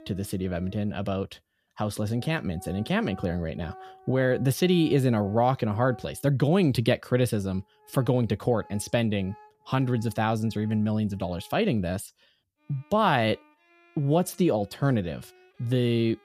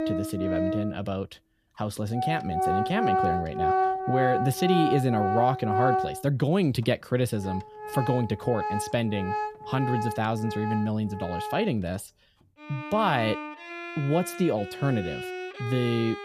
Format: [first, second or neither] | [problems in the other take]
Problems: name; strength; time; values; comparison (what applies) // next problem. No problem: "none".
first | background music; loud; throughout; 2 dB below the speech; faint in the first